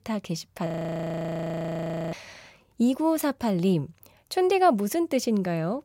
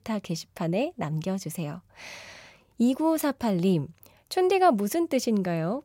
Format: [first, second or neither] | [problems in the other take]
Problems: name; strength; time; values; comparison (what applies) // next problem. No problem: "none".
second | audio freezing; at 0.5 s for 1.5 s